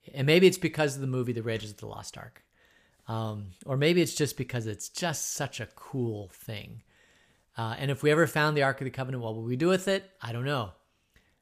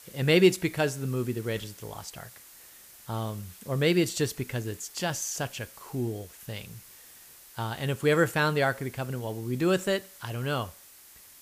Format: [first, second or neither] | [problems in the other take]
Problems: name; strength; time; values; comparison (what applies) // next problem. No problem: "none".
first | hiss; noticeable; throughout; 20 dB below the speech